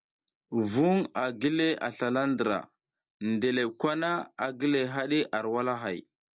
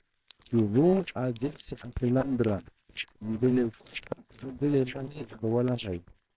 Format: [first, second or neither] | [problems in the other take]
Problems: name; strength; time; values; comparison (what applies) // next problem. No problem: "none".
first | noise reduction (neural separator model SepFormer WHAMR!)